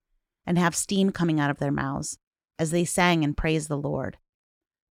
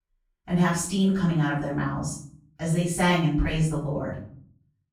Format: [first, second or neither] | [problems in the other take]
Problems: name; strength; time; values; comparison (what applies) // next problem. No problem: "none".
first | room echo; noticeable; dies away in 0.5 s // off-mic speech; far